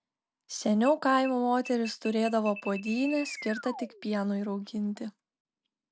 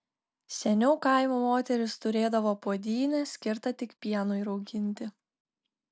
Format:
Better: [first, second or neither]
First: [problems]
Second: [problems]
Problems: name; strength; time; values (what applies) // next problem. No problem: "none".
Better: second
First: background sound (Alarm); 14 dB below the speech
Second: none